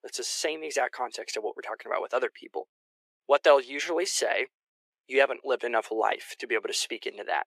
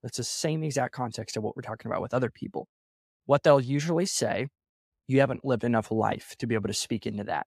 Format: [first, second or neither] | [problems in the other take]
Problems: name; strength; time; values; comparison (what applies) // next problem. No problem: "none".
second | thin; very; fading below 350 Hz